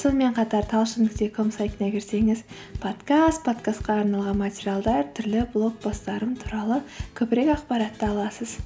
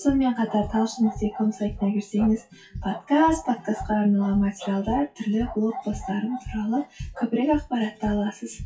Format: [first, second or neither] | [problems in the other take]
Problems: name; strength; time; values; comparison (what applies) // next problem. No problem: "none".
first | noise reduction (classical method WPE with log-MMSE)